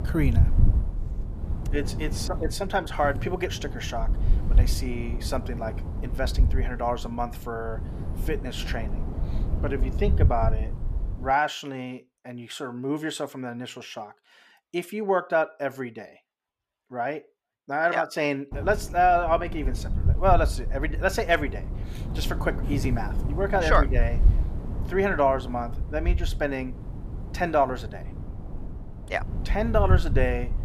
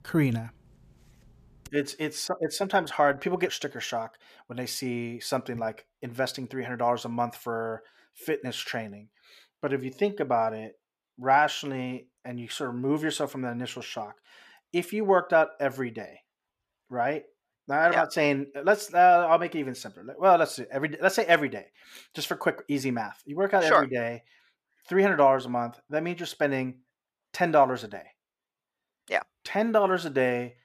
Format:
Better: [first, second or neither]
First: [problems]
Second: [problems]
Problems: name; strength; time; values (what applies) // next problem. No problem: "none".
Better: second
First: wind noise on the microphone; occasional gusts; until 11 s and from 19 s on; 15 dB below the speech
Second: none